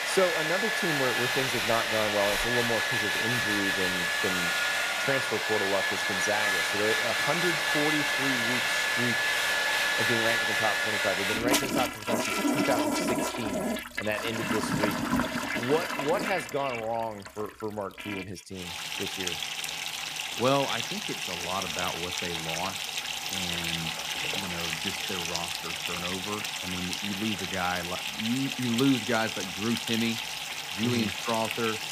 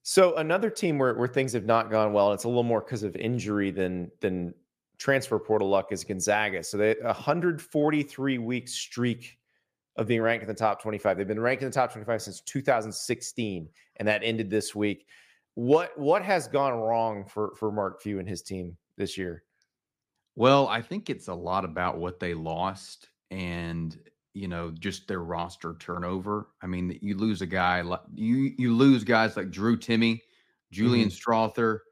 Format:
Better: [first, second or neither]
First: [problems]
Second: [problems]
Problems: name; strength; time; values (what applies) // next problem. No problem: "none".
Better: second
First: household noises; very loud; throughout; 4 dB above the speech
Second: none